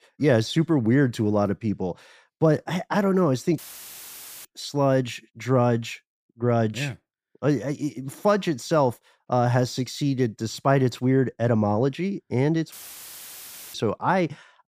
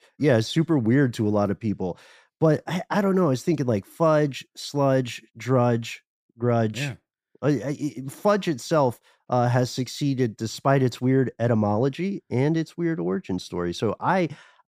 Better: second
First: audio cutting out; filled with static; at 3.5 s for 1 s and at 13 s for 1 s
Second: none

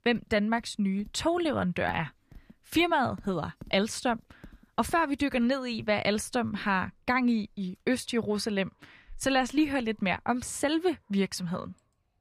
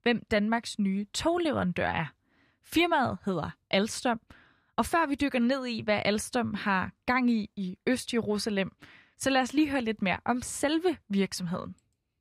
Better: second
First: animal sounds; faint; throughout; 25 dB below the speech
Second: none

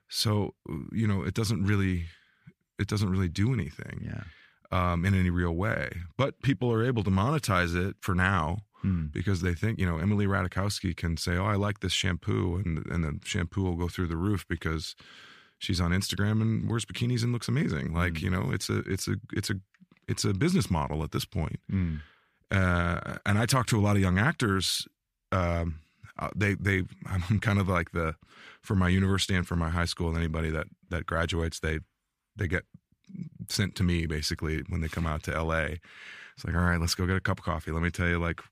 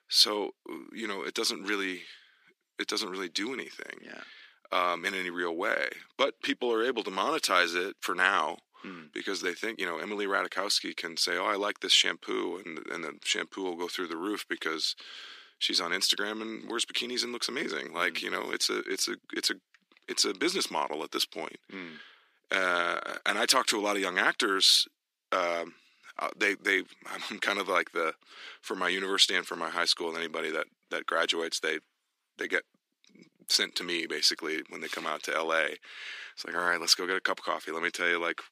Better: first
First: none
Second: thin; very; fading below 300 Hz

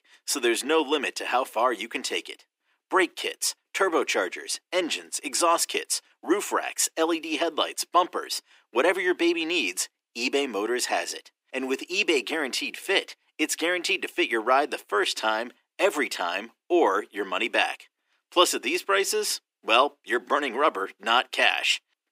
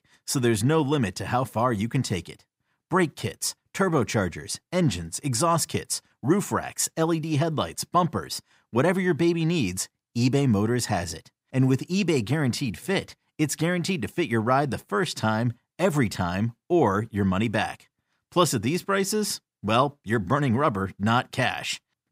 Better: second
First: thin; very; fading below 300 Hz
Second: none

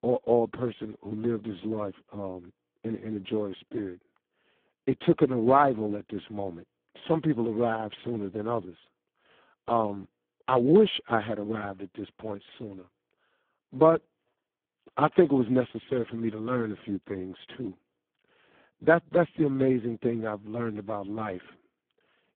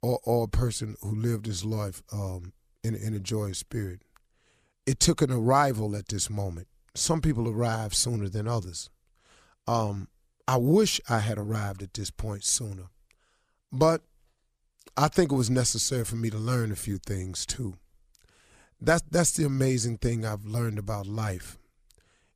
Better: second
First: phone-call audio; poor line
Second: none

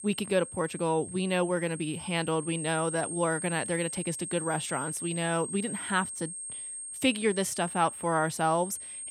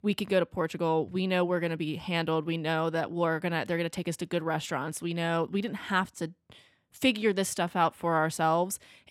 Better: second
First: high-pitched whine; loud; throughout; 8.5 kHz, 7 dB below the speech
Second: none

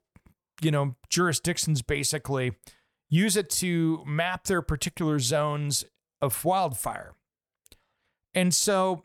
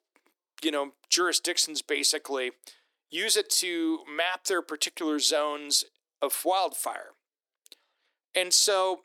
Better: first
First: none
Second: thin; very; fading below 300 Hz

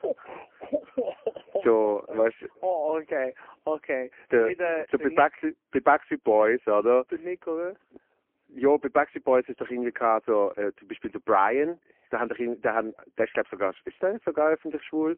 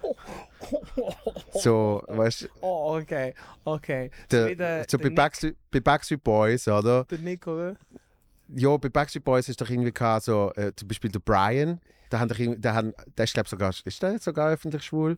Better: second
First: phone-call audio; poor line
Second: none

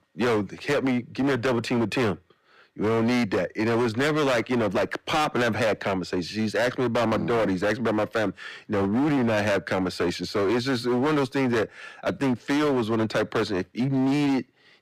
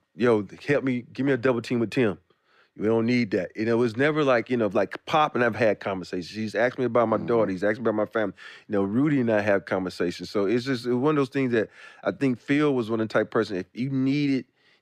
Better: second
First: distortion; heavy; 24% of the sound clipped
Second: none

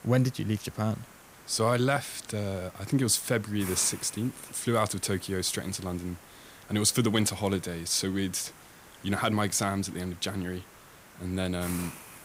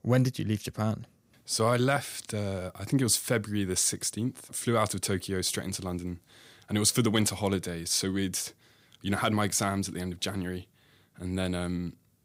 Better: second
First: hiss; noticeable; throughout; 20 dB below the speech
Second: none

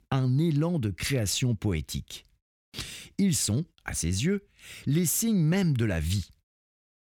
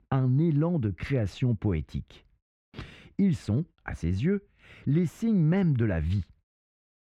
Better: first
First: none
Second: muffled; very; fading above 4 kHz

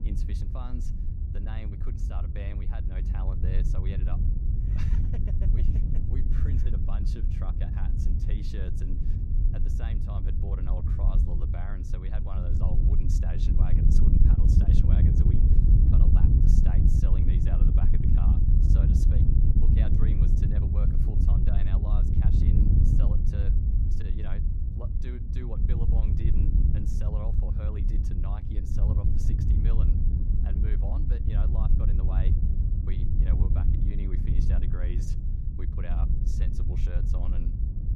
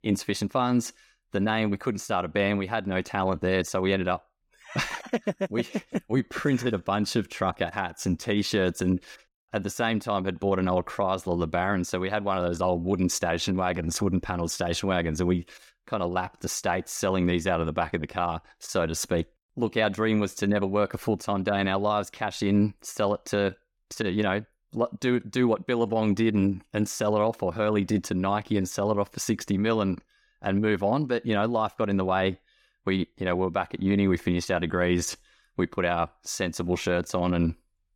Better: second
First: wind noise on the microphone; heavy; 4 dB above the speech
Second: none

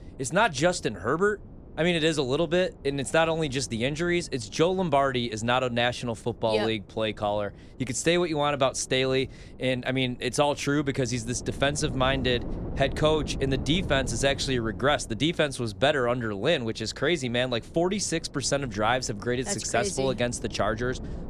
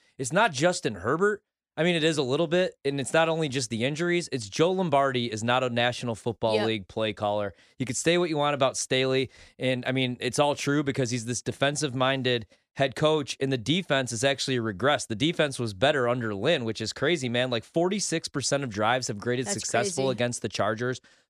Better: second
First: wind noise on the microphone; occasional gusts; 20 dB below the speech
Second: none

